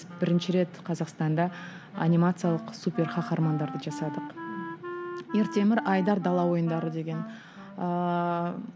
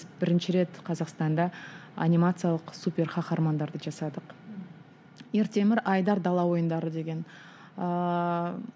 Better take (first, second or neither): second